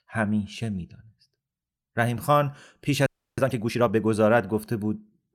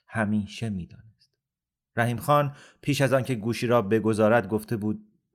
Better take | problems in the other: second | audio freezing; at 3 s

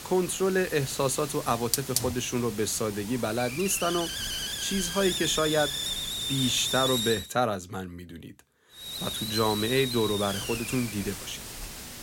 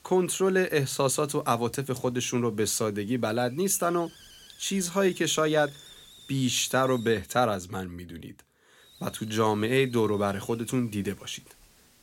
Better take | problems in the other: second | hiss; loud; until 7 s and from 9 s on; 3 dB below the speech; faint in the second

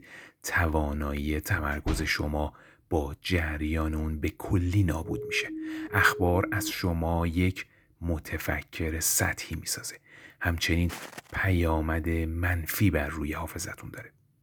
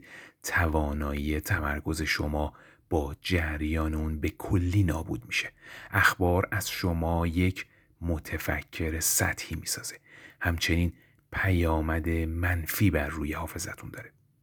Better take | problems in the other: second | door banging; noticeable; at 2 s; peak 7 dB below the speech // siren; noticeable; from 5 to 6.5 s; peak 8 dB below the speech // footsteps; faint; at 11 s; peak 10 dB below the speech

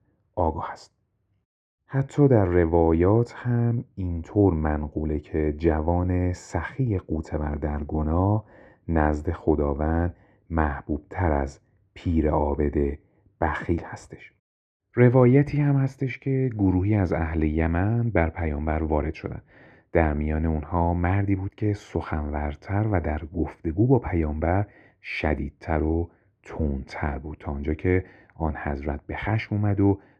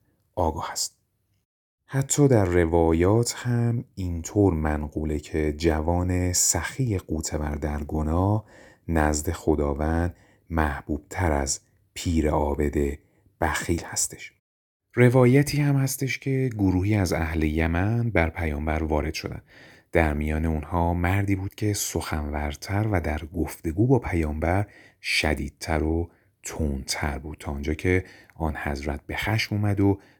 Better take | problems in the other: second | muffled; very; fading above 1.5 kHz

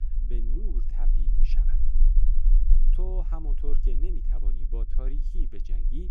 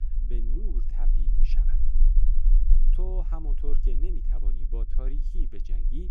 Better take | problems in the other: neither | low rumble; loud; throughout; 7 dB below the speech; the same in both

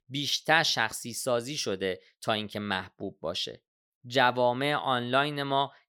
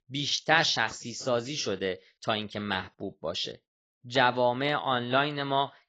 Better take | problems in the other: first | garbled, watery; badly

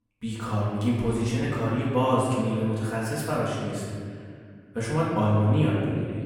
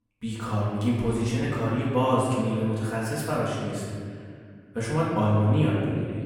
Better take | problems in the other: neither | off-mic speech; far; the same in both // room echo; noticeable; dies away in 1.9 s; the same in both

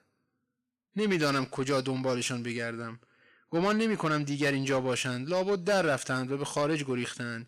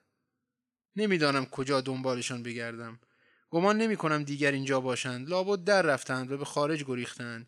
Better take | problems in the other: second | distortion; slight; 10 dB below the speech

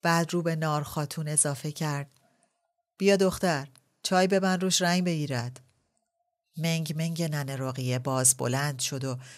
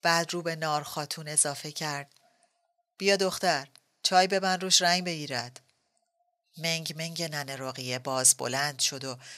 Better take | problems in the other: first | thin; somewhat; fading below 750 Hz

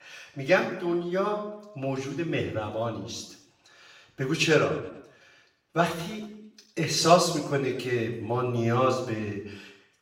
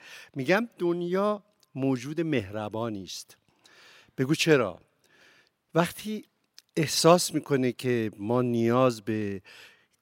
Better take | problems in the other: second | room echo; noticeable; dies away in 0.7 s // off-mic speech; far

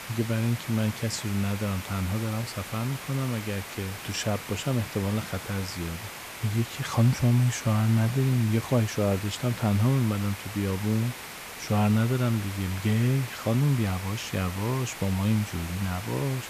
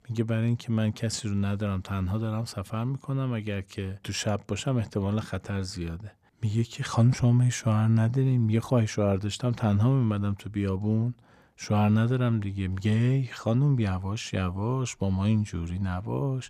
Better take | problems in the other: second | hiss; noticeable; throughout; 10 dB below the speech

